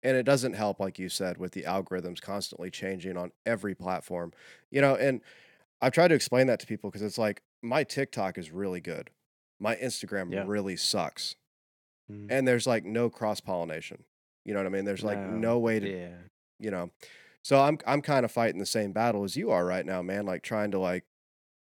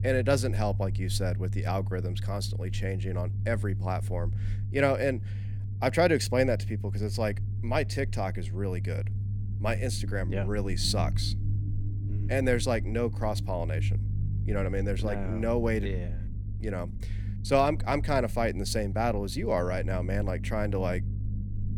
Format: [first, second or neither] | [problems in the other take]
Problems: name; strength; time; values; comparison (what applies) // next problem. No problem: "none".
first | low rumble; noticeable; throughout; 15 dB below the speech